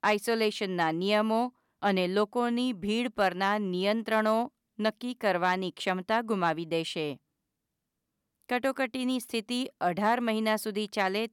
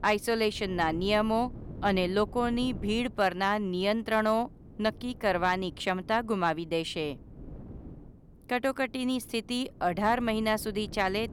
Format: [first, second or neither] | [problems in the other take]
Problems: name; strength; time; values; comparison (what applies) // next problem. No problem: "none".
first | wind noise on the microphone; occasional gusts; 25 dB below the speech